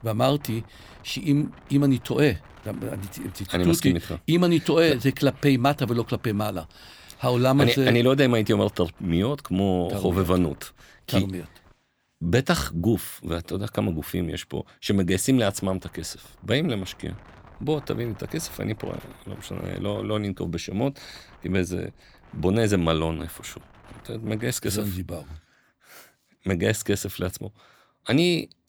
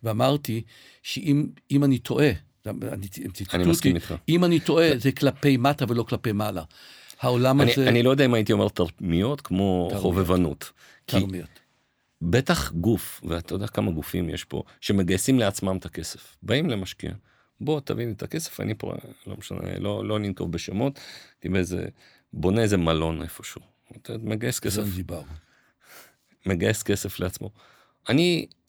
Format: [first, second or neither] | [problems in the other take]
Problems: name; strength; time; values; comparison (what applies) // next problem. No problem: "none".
second | wind noise on the microphone; occasional gusts; until 12 s and from 15 to 25 s; 25 dB below the speech